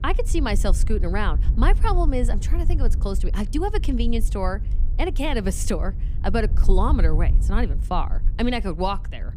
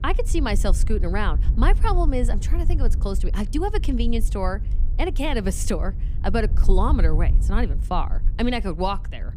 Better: neither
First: wind noise on the microphone; occasional gusts; 15 dB below the speech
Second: wind noise on the microphone; occasional gusts; 15 dB below the speech

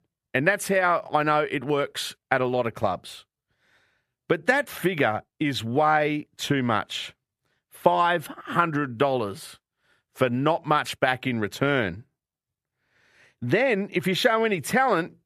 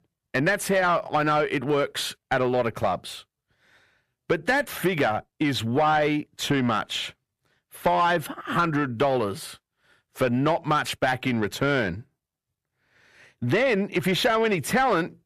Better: first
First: none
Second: distortion; slight; 10 dB below the speech

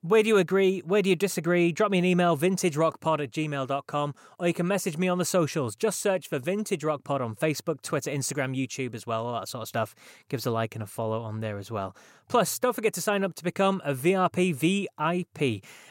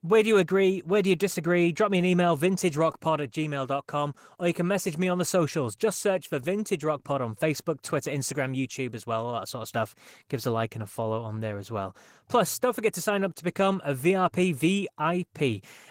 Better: first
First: none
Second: garbled, watery; slightly; nothing above 16 kHz

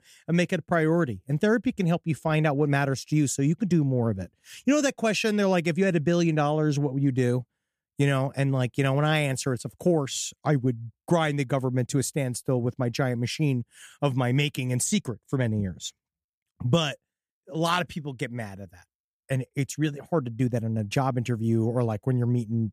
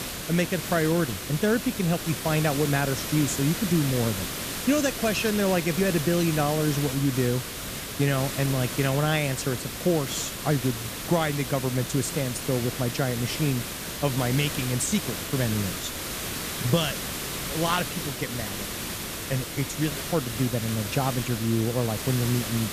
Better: first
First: none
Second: hiss; loud; throughout; 5 dB below the speech

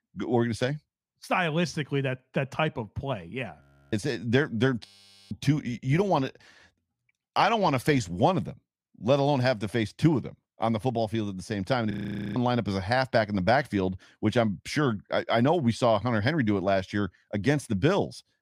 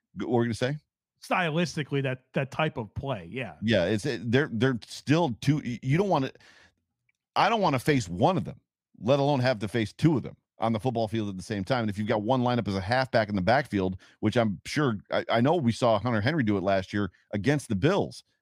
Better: second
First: audio freezing; at 3.5 s, at 5 s and at 12 s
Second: none

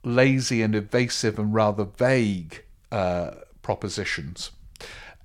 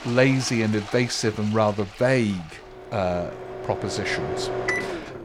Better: first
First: none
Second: household noises; loud; throughout; 8 dB below the speech

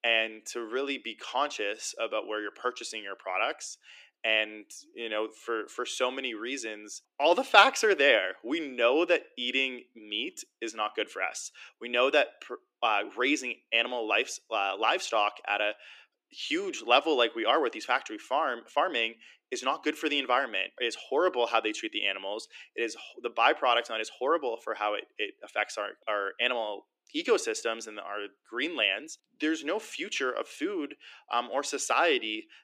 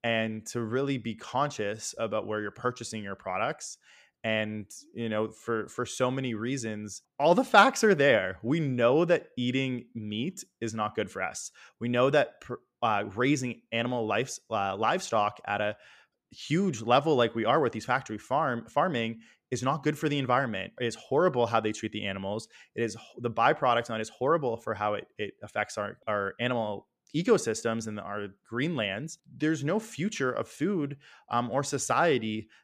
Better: second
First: thin; somewhat; fading below 300 Hz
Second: none

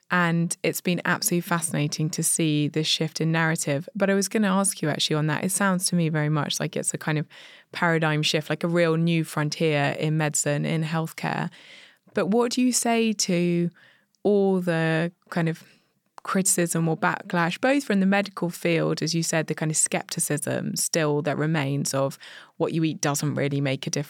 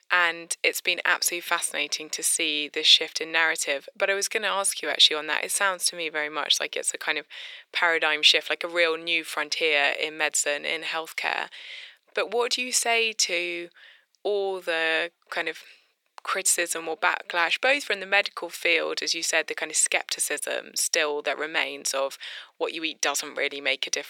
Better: first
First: none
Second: thin; very; fading below 400 Hz

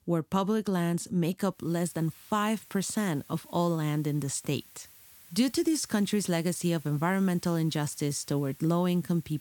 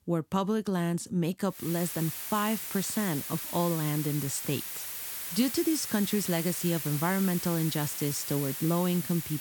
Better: first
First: hiss; faint; from 1.5 s on; 20 dB below the speech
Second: hiss; loud; from 1.5 s on; 4 dB below the speech

